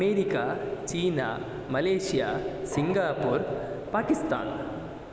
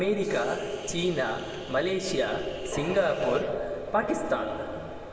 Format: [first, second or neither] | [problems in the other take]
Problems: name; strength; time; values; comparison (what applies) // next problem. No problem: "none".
first | background sound (Hiss); 18 dB below the speech // room echo; dies away in 0.8 s